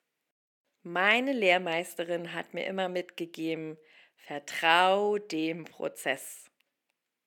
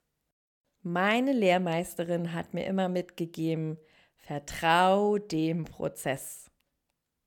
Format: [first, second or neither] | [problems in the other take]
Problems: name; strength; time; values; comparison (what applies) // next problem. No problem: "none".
second | thin; very slightly; fading below 300 Hz